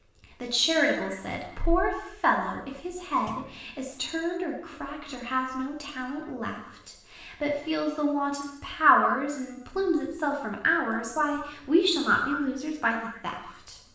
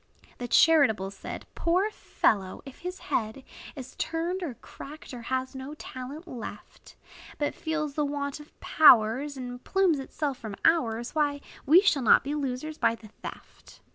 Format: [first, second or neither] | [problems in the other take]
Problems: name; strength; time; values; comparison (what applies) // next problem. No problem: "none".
second | background sound (Thump, thud); 19 dB below the speech // room echo; dies away in 0.9 s